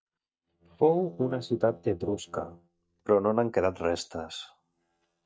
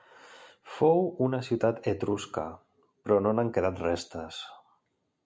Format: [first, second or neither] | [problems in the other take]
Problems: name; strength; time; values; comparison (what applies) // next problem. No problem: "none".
second | noise reduction (neural mask model DeepFilterNet 3)